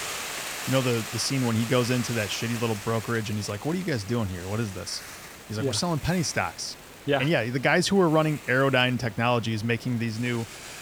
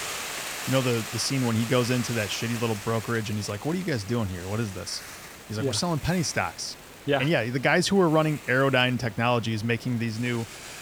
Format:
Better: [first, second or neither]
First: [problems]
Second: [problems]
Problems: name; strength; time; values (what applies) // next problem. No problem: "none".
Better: neither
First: hiss; noticeable; throughout; 10 dB below the speech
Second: hiss; noticeable; throughout; 10 dB below the speech